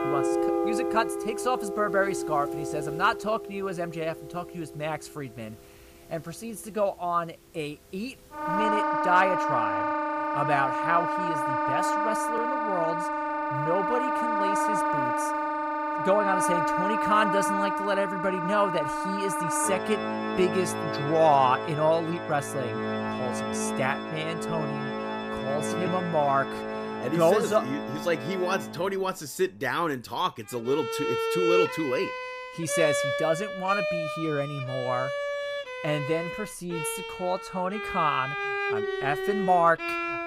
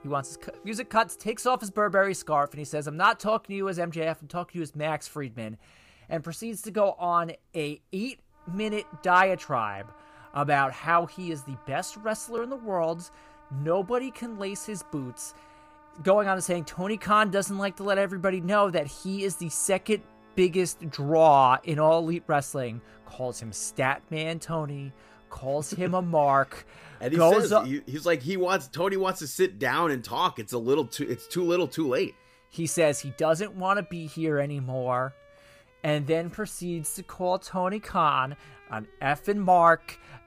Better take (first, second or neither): second